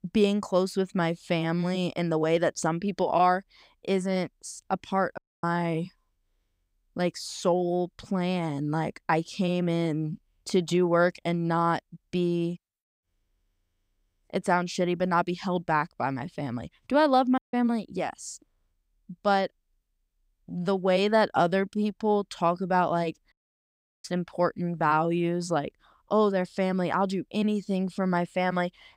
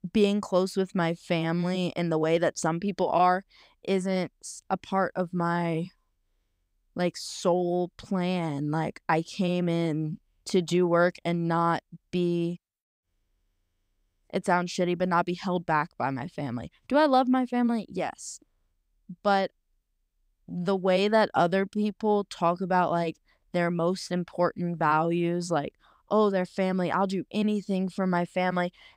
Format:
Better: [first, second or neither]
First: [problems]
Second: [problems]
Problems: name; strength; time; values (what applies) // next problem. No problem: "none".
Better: second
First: audio cutting out; at 5 s, at 17 s and at 23 s for 0.5 s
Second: none